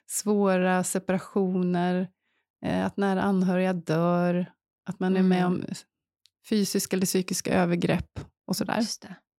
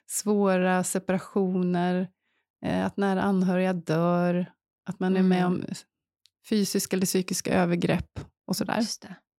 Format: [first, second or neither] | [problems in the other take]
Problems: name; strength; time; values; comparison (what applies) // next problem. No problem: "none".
neither | none